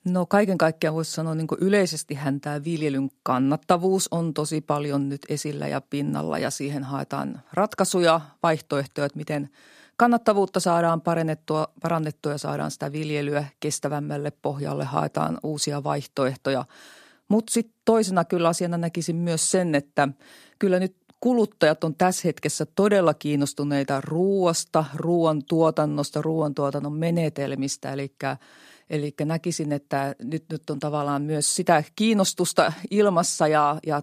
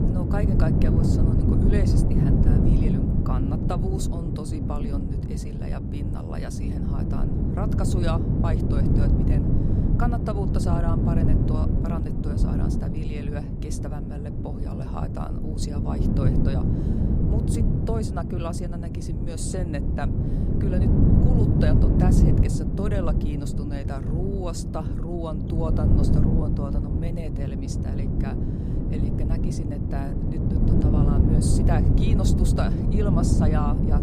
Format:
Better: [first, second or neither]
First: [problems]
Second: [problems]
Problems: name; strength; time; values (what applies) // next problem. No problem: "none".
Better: first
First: none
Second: wind noise on the microphone; heavy; 2 dB above the speech